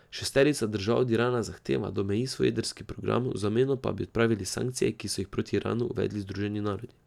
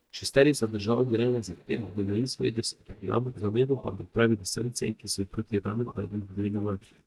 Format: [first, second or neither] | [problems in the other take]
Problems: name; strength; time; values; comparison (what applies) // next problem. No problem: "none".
first | noise reduction (neural mask model DeepFilterNet 3)